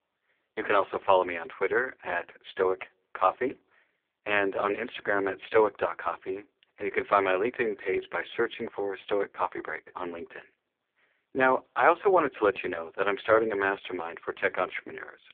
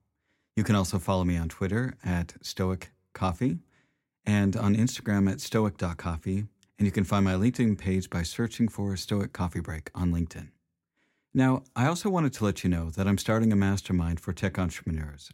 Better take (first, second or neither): second